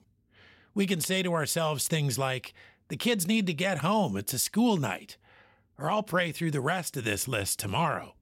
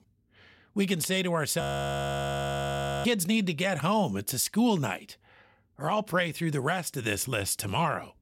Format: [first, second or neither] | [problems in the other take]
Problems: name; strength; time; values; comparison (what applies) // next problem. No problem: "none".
first | audio freezing; at 1.5 s for 1.5 s